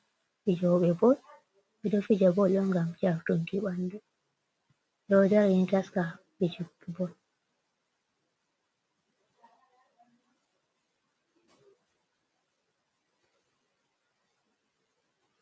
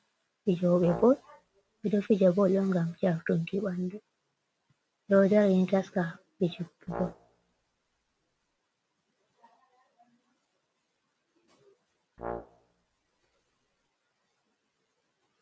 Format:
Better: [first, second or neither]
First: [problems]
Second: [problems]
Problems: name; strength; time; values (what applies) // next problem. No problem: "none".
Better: first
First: none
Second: background sound (Brass instrument); 14 dB below the speech